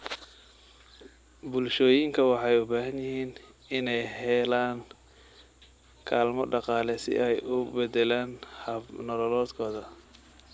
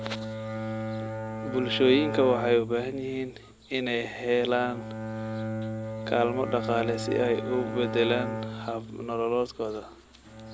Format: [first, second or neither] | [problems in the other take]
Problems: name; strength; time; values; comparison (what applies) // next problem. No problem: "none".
first | background sound (Bowed string instrument); 7 dB below the speech